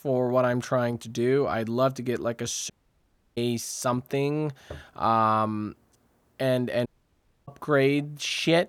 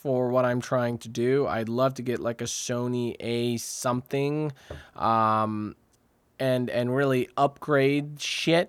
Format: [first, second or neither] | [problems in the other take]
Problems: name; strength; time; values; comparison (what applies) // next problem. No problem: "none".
second | audio cutting out; at 2.5 s for 0.5 s and at 7 s for 0.5 s